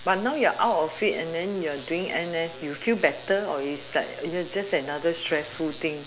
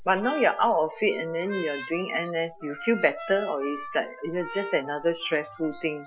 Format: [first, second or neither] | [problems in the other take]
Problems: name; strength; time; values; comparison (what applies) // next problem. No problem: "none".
first | noise reduction (classical method Wiener filter)